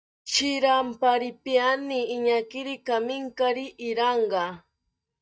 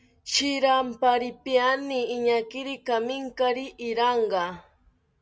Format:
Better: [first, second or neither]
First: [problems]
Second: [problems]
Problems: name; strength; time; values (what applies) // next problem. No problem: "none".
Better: second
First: noise reduction (neural mask model DeepFilterNet 3)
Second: none